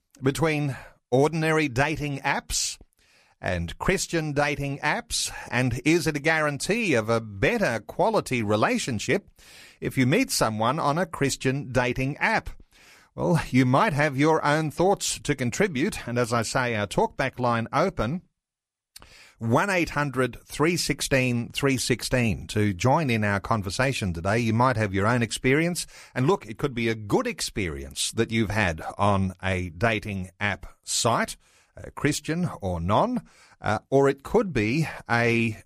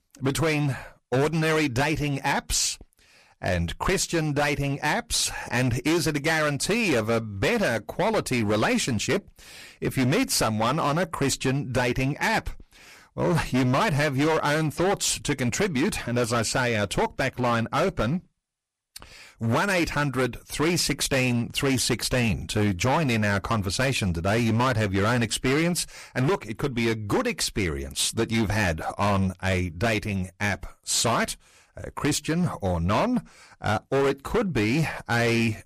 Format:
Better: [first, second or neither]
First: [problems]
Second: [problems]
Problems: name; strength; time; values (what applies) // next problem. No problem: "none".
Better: first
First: none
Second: distortion; heavy; 15% of the sound clipped